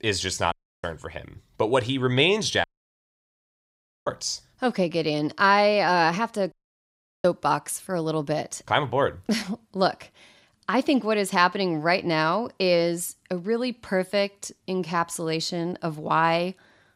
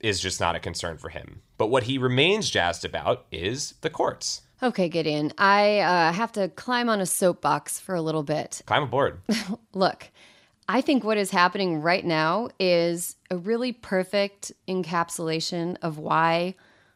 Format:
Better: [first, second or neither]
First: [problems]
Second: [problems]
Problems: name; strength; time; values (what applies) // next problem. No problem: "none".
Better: second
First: audio cutting out; at 0.5 s, at 2.5 s for 1.5 s and at 6.5 s for 0.5 s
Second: none